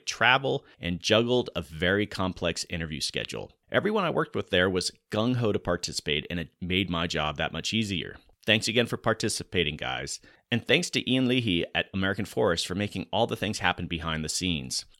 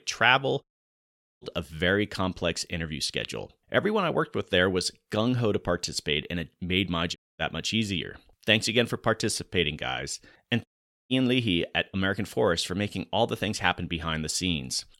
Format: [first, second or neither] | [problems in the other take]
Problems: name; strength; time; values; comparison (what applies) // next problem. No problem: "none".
first | audio cutting out; at 0.5 s for 1 s, at 7 s and at 11 s